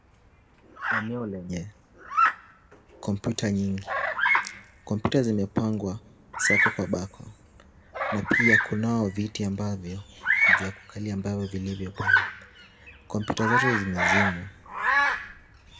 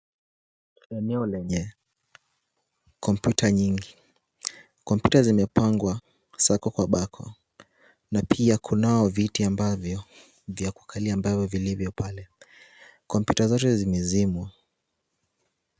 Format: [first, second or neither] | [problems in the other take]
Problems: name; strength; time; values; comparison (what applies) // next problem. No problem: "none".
second | background sound (Bird vocalization, bird call, bird song); 2 dB above the speech // room echo; dies away in 0.9 s